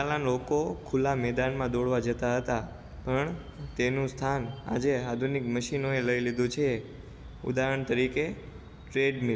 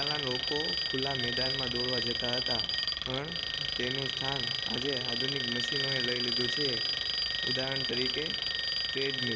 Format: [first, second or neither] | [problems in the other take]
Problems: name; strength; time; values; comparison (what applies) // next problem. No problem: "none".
first | background sound (Alarm); 5 dB above the speech